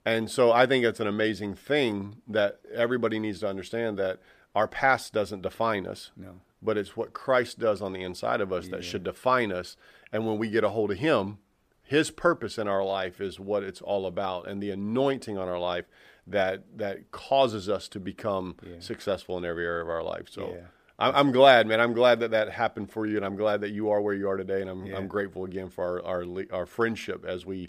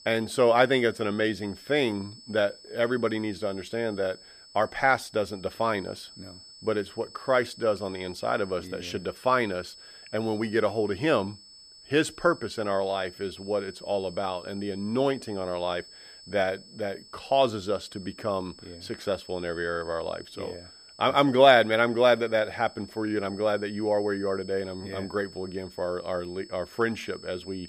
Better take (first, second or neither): first